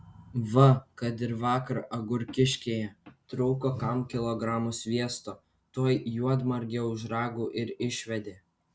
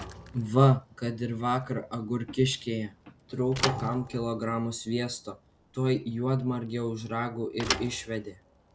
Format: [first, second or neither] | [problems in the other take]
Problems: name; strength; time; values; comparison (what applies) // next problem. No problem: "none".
first | background sound (Thump, thud / Bicycle); 12 dB below the speech